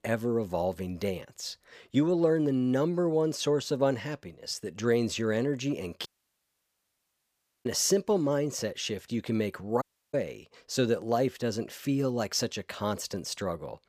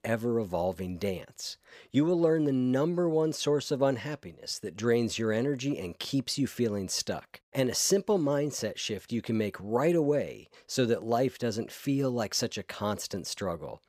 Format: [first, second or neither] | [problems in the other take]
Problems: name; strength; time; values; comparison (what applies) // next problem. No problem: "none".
second | audio cutting out; at 6 s for 1.5 s and at 10 s